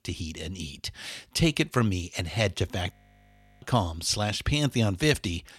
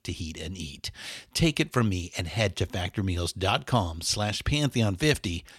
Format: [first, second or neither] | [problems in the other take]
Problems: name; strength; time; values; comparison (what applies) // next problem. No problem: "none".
second | audio freezing; at 3 s for 0.5 s